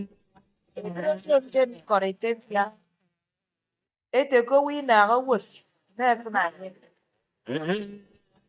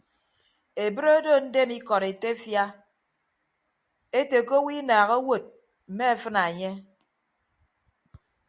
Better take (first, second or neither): second